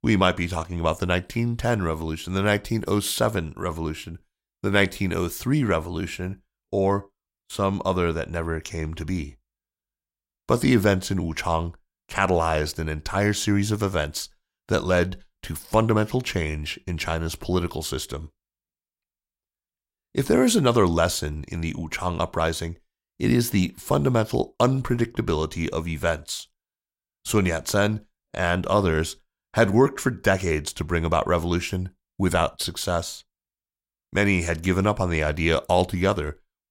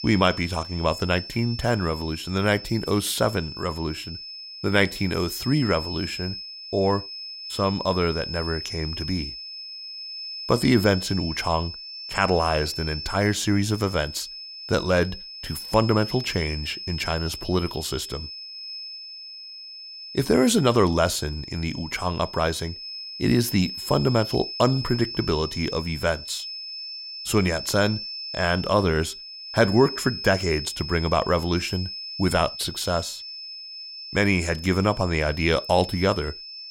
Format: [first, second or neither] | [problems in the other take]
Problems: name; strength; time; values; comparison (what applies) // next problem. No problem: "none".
first | high-pitched whine; loud; throughout; 5 kHz, 9 dB below the speech